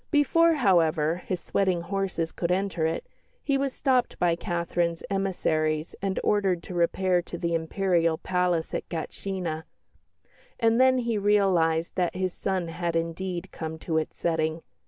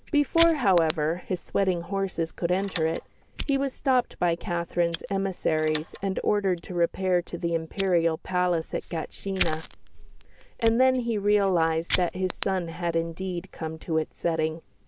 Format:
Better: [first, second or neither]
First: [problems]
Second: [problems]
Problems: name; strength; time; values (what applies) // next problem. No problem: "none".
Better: first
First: none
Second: background sound (Tools + Fire); 12 dB below the speech